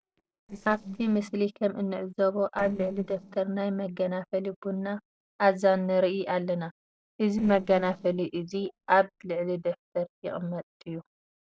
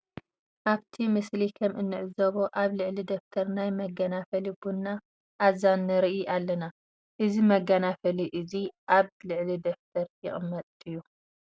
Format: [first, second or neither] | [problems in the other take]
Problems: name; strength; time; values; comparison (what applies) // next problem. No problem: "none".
second | noise reduction (neural separator model SepFormer DNS4)